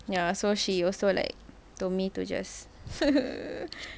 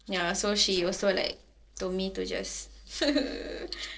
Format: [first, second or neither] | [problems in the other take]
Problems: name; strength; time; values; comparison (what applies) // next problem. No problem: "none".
first | noise reduction (neural separator model SepFormer DNS4)